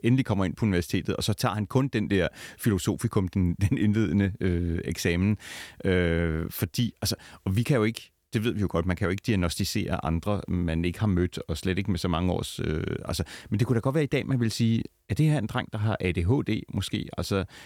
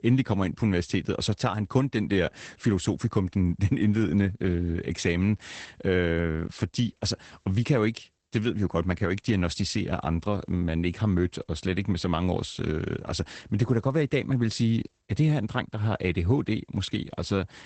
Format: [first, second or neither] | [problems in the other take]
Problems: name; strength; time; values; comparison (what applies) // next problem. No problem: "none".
first | garbled, watery; badly; nothing above 8 kHz